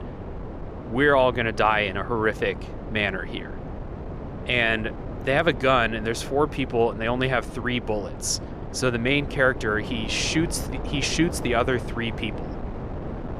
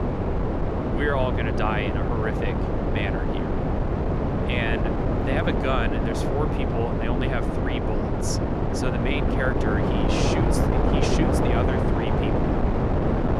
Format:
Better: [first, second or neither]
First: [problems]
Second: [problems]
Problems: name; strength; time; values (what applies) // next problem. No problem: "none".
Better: first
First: wind noise on the microphone; occasional gusts; 15 dB below the speech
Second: wind noise on the microphone; heavy; 2 dB above the speech